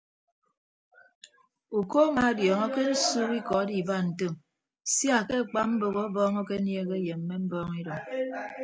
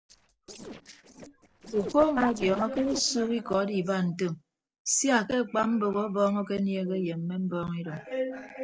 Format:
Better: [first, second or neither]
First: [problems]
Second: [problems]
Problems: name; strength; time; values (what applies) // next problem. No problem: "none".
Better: first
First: none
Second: noise reduction (neural separator model SepFormer DNS4)